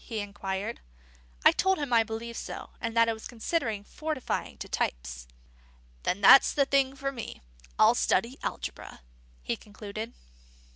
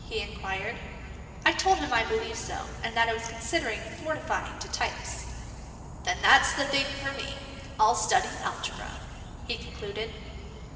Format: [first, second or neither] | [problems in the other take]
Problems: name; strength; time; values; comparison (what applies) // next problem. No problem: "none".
first | background sound (Insect / Frog); 11 dB below the speech // room echo; dies away in 2.7 s